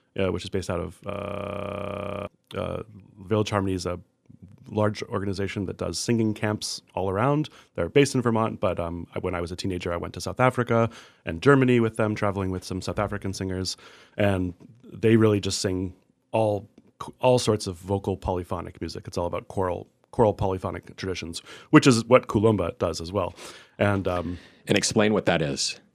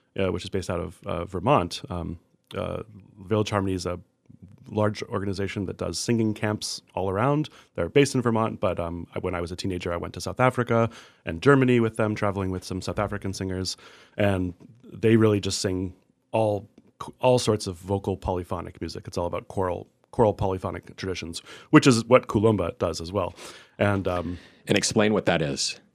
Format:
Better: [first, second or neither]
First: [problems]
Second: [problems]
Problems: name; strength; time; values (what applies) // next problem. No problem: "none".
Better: second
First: audio freezing; at 1 s for 1 s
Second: none